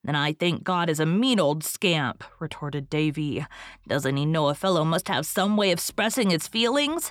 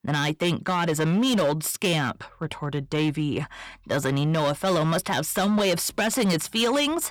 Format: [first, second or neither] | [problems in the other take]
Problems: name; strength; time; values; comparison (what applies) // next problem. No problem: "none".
first | distortion; slight; 10% of the sound clipped